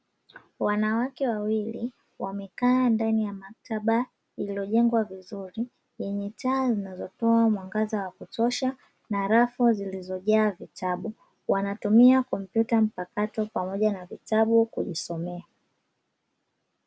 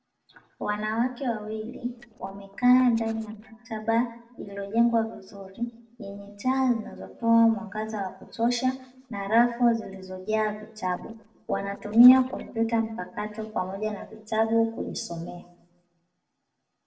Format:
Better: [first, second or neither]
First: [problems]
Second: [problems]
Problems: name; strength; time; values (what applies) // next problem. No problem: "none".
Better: first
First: none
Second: noise reduction (neural separator model SepFormer DNS4)